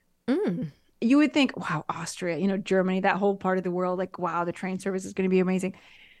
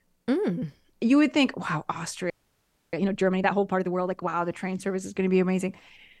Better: first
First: none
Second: audio freezing; at 2.5 s for 0.5 s

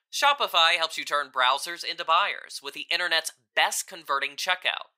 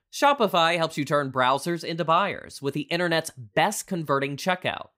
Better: second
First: thin; very; fading below 950 Hz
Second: none

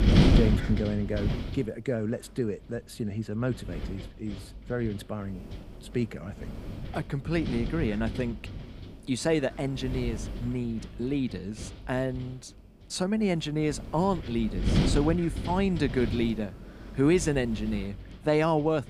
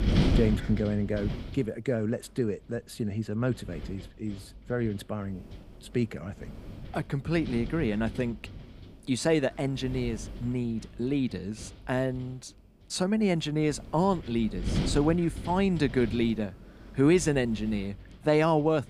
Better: second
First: wind noise on the microphone; heavy; 7 dB below the speech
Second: wind noise on the microphone; occasional gusts; 10 dB below the speech

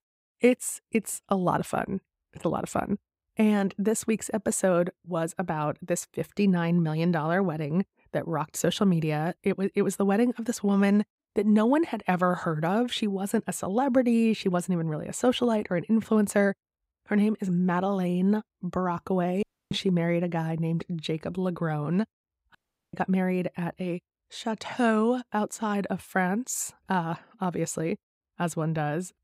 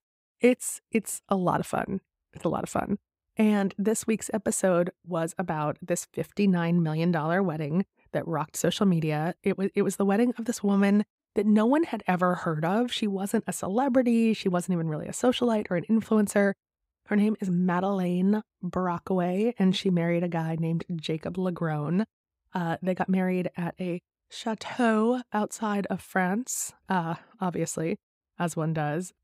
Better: second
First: audio cutting out; at 19 s and at 23 s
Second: none

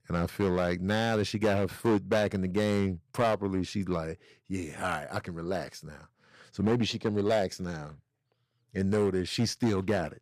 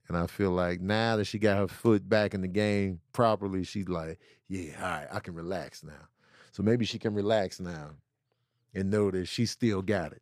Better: second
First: distortion; slight; 5% of the sound clipped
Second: none

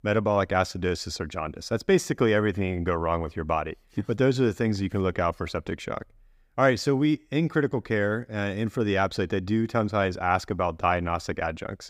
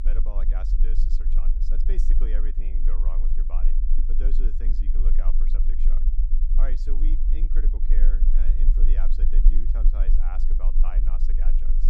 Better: first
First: none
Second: low rumble; loud; throughout; 5 dB below the speech

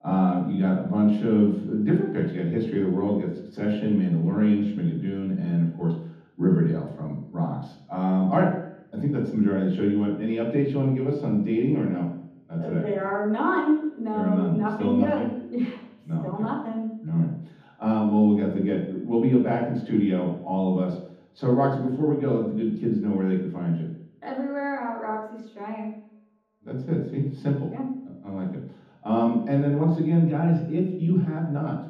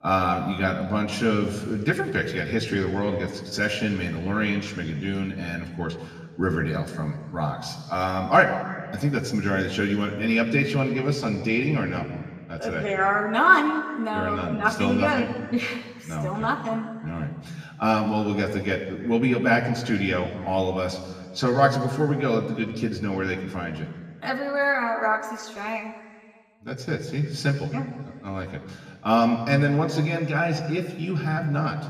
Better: second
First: room echo; strong; dies away in 0.9 s // off-mic speech; far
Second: room echo; slight; dies away in 1.6 s // off-mic speech; somewhat distant

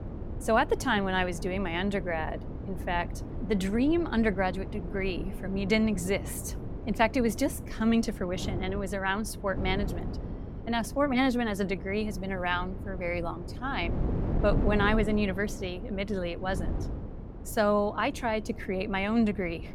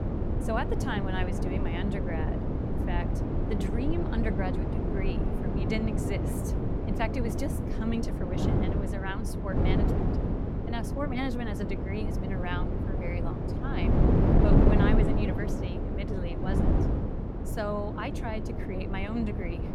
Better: first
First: wind noise on the microphone; occasional gusts; 15 dB below the speech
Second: wind noise on the microphone; heavy; 1 dB above the speech

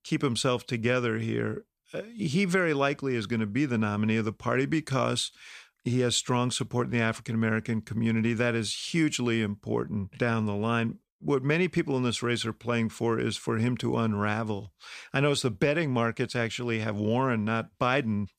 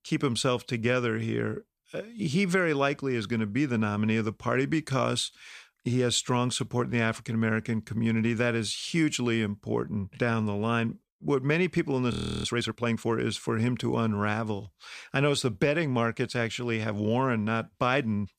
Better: first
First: none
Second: audio freezing; at 12 s

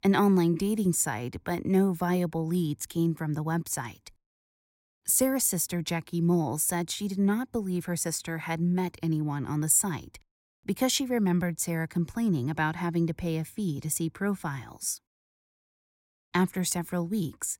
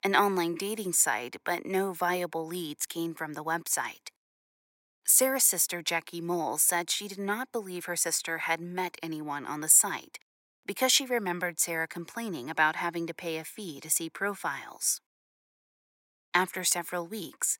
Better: first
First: none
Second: thin; very; fading below 500 Hz

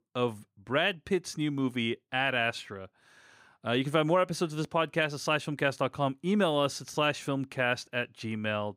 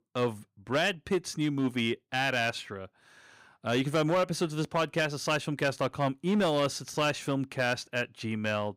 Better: first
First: none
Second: distortion; slight; 5% of the sound clipped

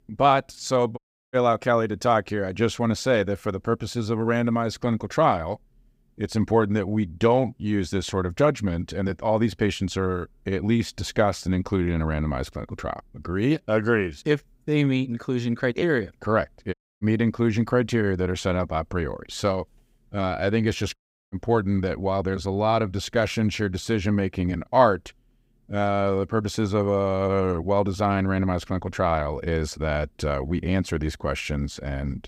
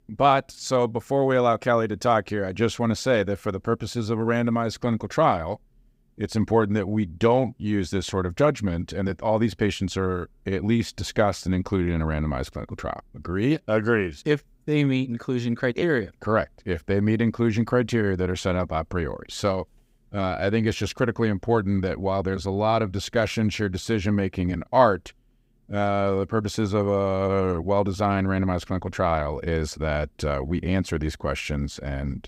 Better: second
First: audio cutting out; at 1 s, at 17 s and at 21 s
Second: none

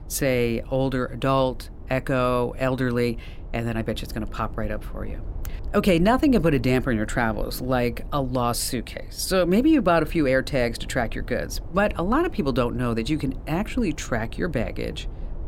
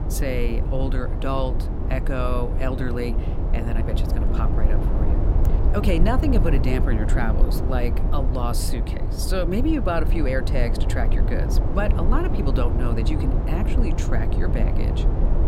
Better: first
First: low rumble; faint; throughout; 25 dB below the speech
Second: low rumble; loud; throughout; 5 dB below the speech

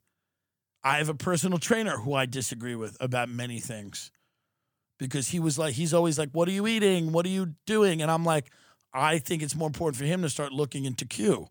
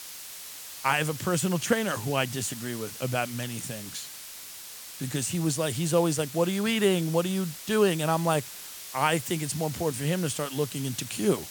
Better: first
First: none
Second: hiss; noticeable; throughout; 10 dB below the speech

